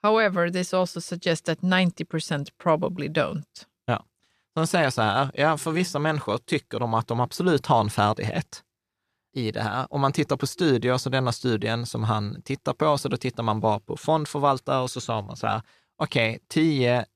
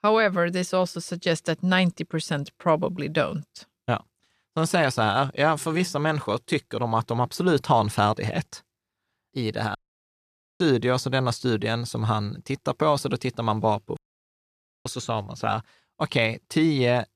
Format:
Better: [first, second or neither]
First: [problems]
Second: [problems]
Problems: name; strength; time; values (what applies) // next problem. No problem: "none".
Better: first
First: none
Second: audio cutting out; at 10 s for 1 s and at 14 s for 1 s